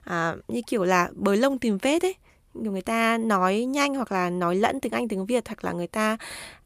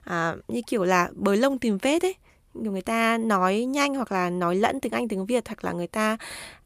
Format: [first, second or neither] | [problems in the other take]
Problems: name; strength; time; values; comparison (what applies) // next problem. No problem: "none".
neither | none